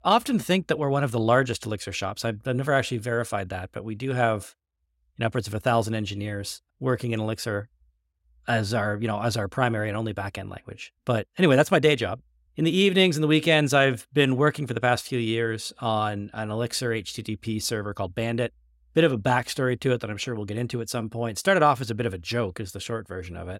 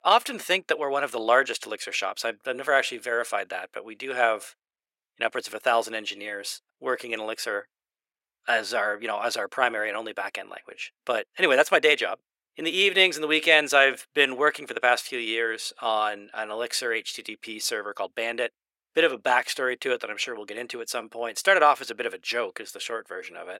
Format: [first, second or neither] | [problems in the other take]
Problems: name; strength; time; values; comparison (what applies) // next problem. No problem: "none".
first | thin; very; fading below 400 Hz